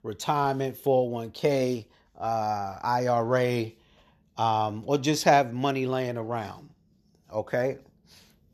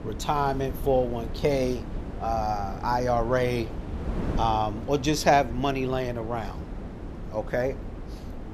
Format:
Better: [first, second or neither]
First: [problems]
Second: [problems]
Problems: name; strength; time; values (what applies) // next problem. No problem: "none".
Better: first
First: none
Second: wind noise on the microphone; occasional gusts; 15 dB below the speech